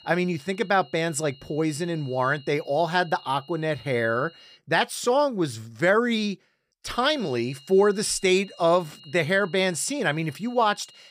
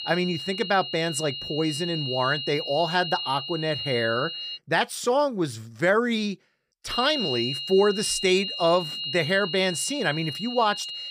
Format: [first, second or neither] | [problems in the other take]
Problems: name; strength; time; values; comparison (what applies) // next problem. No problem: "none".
first | high-pitched whine; loud; until 4.5 s and from 7 s on; 3 kHz, 5 dB below the speech; faint in the first